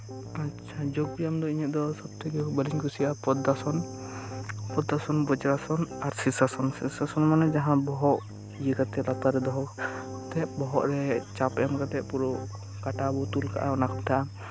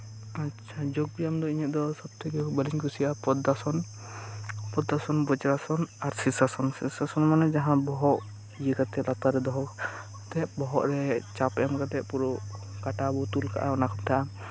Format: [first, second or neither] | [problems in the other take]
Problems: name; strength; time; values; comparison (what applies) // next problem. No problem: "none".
second | background sound (Piano); 15 dB below the speech